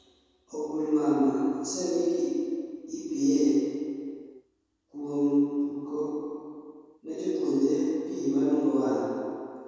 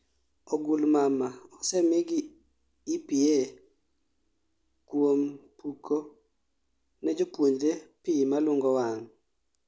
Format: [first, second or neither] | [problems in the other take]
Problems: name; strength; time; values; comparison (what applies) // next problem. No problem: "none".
second | room echo; dies away in 2.1 s